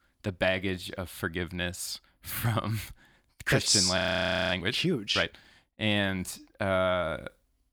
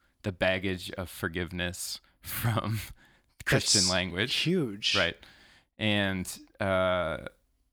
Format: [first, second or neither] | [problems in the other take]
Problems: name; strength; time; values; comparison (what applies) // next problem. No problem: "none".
second | audio freezing; at 4 s for 0.5 s